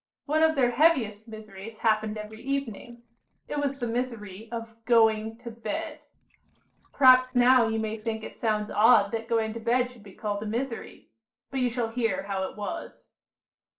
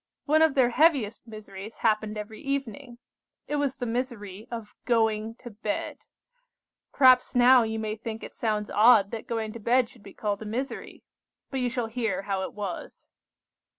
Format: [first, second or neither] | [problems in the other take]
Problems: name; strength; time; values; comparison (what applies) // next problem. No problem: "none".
second | noise reduction (neural separator model SepFormer DNS4)